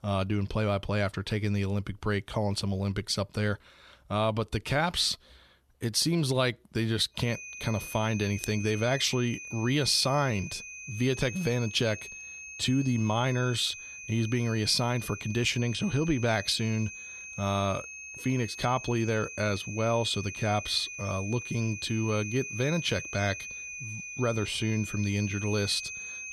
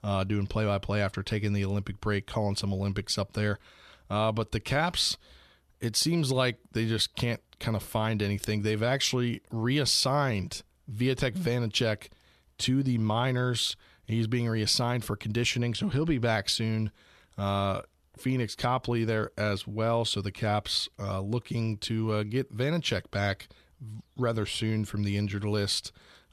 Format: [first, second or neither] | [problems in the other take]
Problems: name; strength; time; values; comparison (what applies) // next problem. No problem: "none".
second | high-pitched whine; loud; from 7 s on; 2.5 kHz, 10 dB below the speech